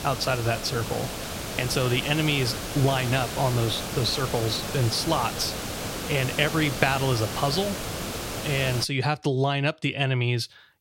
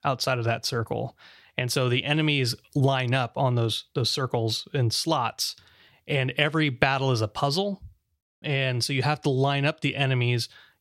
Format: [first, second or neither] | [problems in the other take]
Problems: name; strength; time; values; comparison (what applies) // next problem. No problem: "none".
second | hiss; loud; until 9 s; 6 dB below the speech